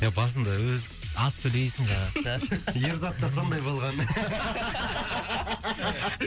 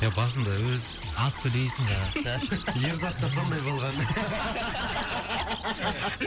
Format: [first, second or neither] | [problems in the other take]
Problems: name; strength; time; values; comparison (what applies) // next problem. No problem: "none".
first | background sound (Chirp, tweet); 11 dB below the speech